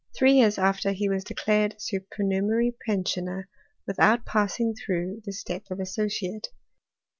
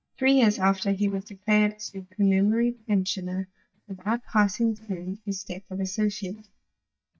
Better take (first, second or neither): first